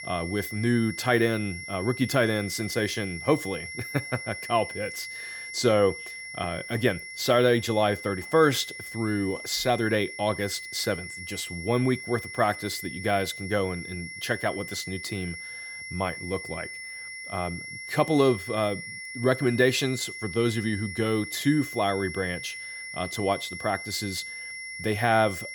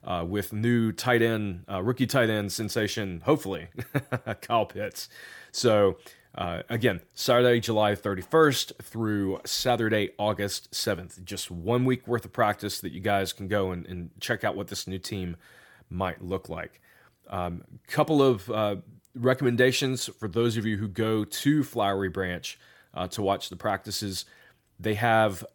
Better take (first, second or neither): second